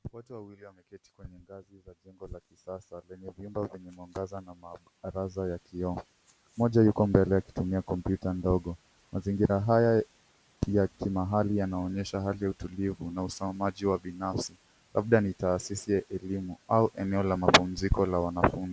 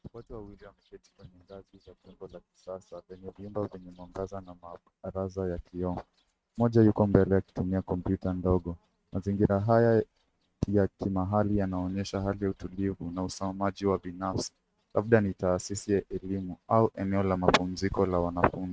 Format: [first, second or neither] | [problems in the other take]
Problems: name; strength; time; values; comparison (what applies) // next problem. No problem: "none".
first | noise reduction (neural mask model RNNoise)